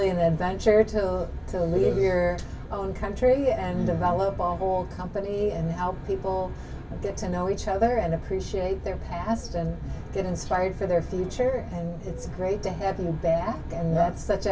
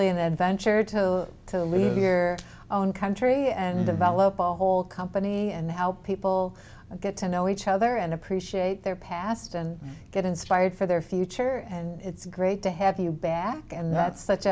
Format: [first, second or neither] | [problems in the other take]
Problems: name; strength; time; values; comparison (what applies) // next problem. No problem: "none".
second | background sound (Aircraft); 10 dB below the speech // room echo; dies away in 0.1 s